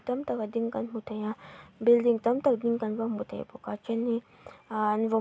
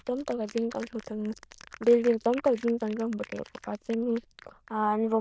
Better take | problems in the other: first | noise reduction (neural diffusion model UNIVERSE++)

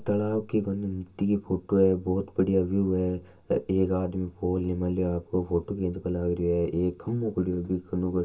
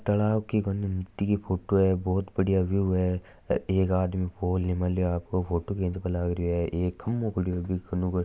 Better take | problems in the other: second | room echo; dies away in 0.2 s

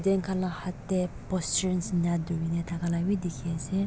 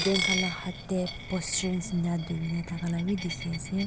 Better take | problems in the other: first | background sound (Coin (dropping)); 6 dB below the speech

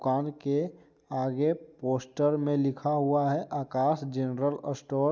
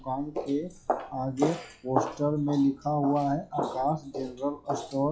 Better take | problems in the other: first | noise reduction (classical method WPE with log-MMSE)

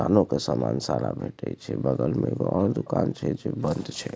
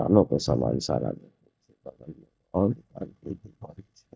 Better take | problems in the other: first | noise reduction (neural mask model DeepFilterNet 3)

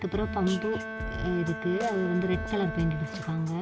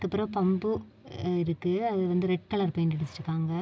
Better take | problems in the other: second | background sound (Drum kit + Bowed string instrument); 7 dB below the speech

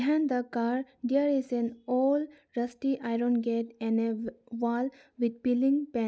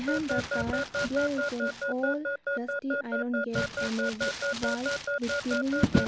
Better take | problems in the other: first | background sound (Crumpling, crinkling + Alarm / Keyboard (musical)); 3 dB above the speech

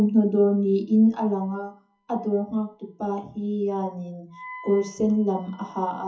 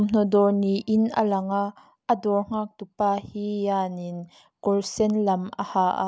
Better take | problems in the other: second | noise reduction (classical method WPE with log-MMSE)

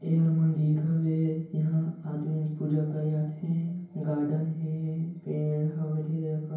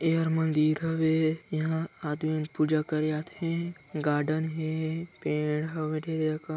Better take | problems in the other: second | room echo; dies away in 0.9 s

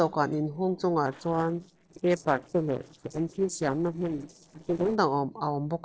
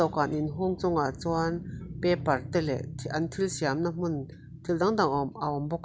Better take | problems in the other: second | noise reduction (neural separator model SepFormer DNS4)

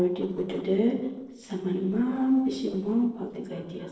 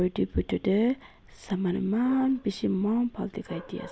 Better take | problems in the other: second | noise reduction (neural separator model SepFormer DNS4)

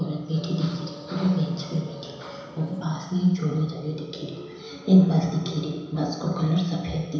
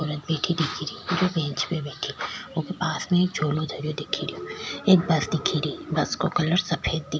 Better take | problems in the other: second | background sound (Vehicle); 16 dB below the speech // room echo; dies away in 1 s

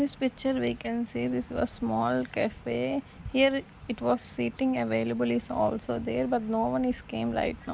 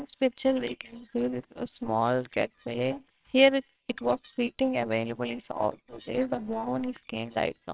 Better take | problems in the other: first | noise reduction (neural separator model SepFormer WHAMR!)

